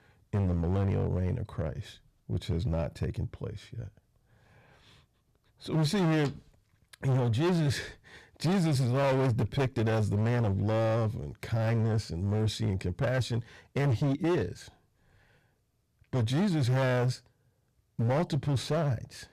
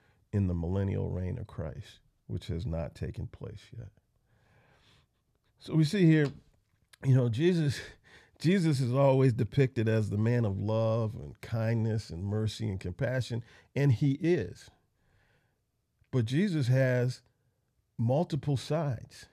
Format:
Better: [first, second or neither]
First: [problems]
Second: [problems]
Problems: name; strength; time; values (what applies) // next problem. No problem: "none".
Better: second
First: distortion; heavy; 15% of the sound clipped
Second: none